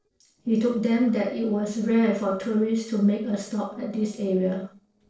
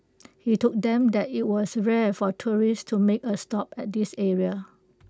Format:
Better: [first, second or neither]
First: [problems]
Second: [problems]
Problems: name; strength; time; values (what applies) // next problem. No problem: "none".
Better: second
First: noise reduction (neural separator model SepFormer DNS4)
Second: none